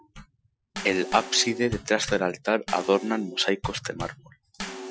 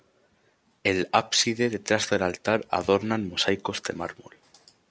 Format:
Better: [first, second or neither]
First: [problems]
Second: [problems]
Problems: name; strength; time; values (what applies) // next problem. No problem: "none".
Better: second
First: noise reduction (classical method Wiener filter)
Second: none